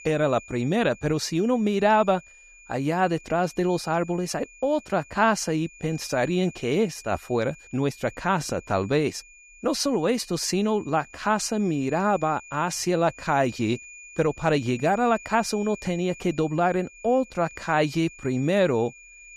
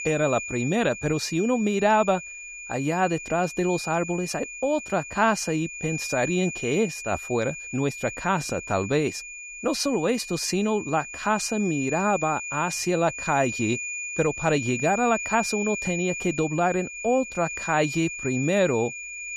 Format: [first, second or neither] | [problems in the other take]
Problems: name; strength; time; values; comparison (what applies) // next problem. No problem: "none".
first | high-pitched whine; loud; throughout; 2.5 kHz, 7 dB below the speech; faint in the first